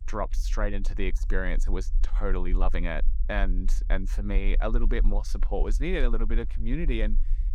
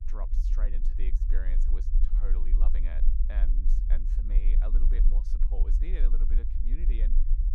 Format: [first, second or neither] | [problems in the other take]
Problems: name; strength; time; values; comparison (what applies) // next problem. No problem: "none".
first | low rumble; loud; throughout; 4 dB below the speech; faint in the first